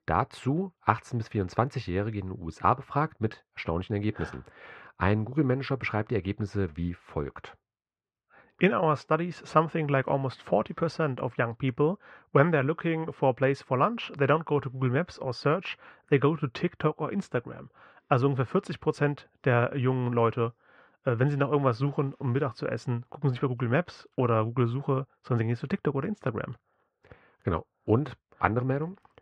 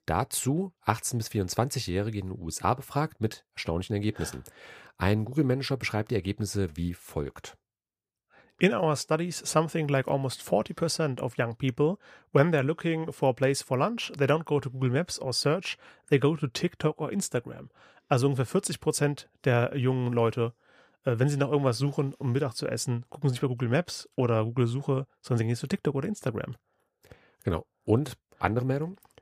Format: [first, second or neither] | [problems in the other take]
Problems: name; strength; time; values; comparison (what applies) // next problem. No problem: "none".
second | muffled; very; fading above 2.5 kHz